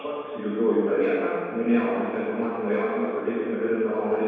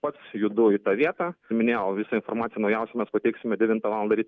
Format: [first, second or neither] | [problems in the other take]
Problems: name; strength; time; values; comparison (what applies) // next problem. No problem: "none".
second | room echo; dies away in 1.9 s